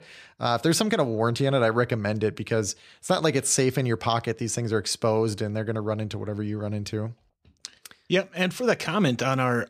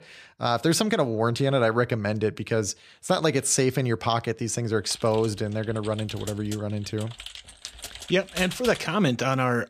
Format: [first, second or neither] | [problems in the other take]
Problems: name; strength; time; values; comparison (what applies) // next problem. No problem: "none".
first | keyboard typing; noticeable; from 5 to 9 s; peak 8 dB below the speech